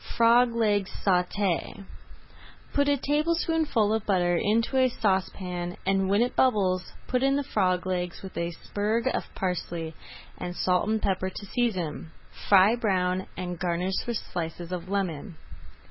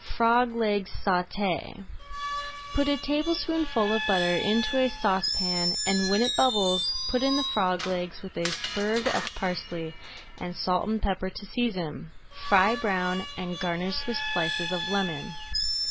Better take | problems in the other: first | background sound (Screech); 6 dB below the speech

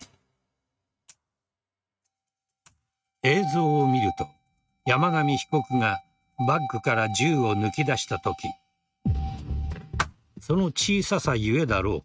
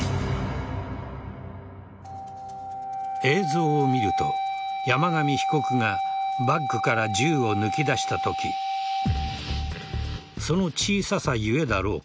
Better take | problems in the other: second | noise reduction (neural mask model RNNoise)

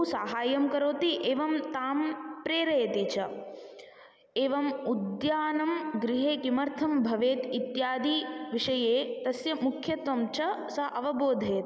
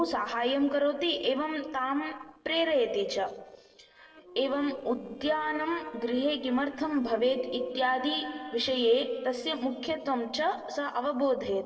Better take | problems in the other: first | noise reduction (neural separator model SepFormer DNS4)

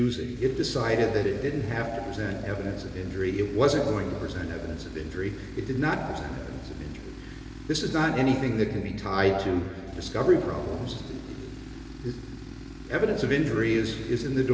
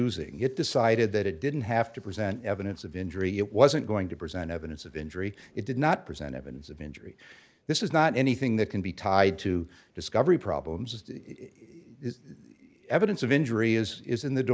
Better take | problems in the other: second | background sound (Tools); 13 dB below the speech // room echo; dies away in 2.5 s

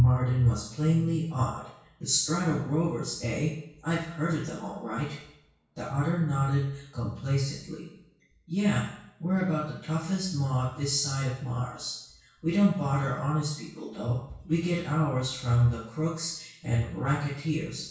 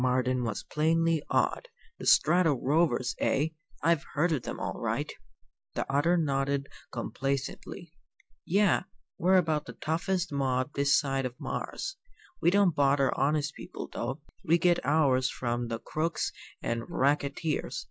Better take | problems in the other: second | room echo; dies away in 0.6 s

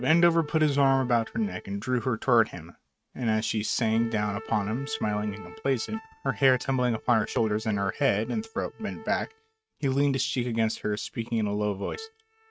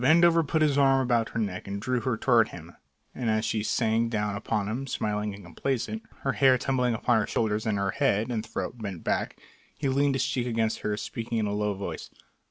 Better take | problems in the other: second | noise reduction (neural mask model RNNoise)

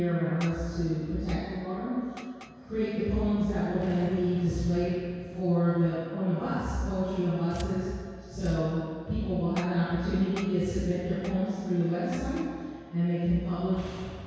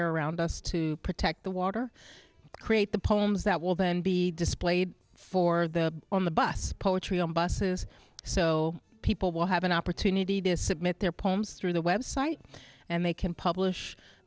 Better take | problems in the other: second | background sound (Boom); 19 dB below the speech // room echo; dies away in 2 s

